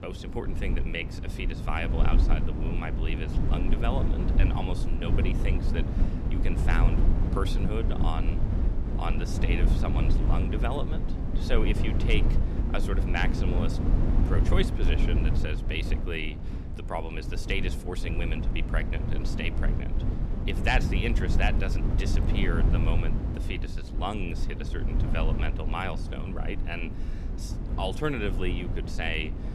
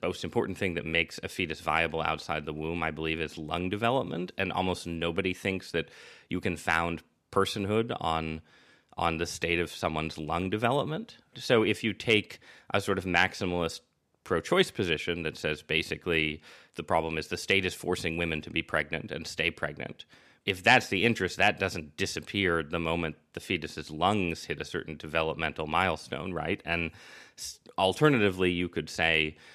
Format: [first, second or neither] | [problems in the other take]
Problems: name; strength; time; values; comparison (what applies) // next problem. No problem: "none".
second | low rumble; loud; throughout; 6 dB below the speech